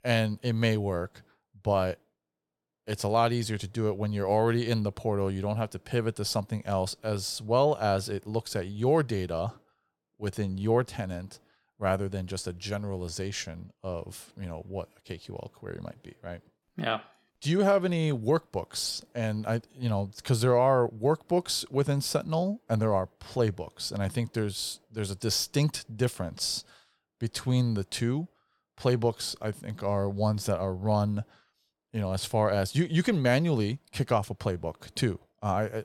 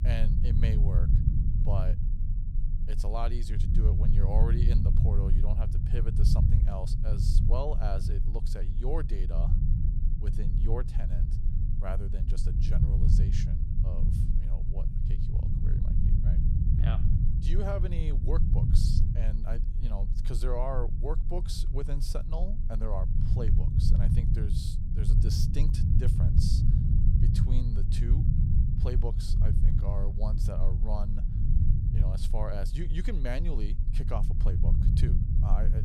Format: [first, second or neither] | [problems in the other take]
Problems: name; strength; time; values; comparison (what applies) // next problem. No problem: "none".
first | low rumble; loud; throughout; 2 dB below the speech